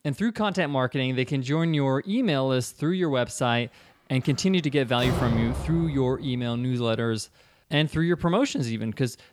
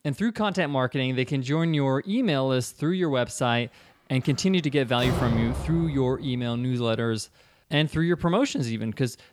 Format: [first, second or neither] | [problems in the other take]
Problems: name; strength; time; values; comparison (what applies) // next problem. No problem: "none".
neither | door banging; noticeable; from 5 to 6 s; peak 2 dB below the speech; the same in both